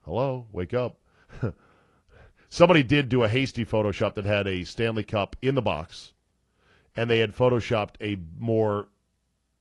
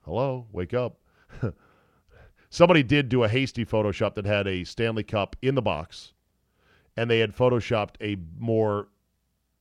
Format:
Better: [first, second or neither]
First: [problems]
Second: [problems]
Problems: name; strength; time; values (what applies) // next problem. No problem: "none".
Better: second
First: garbled, watery; slightly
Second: none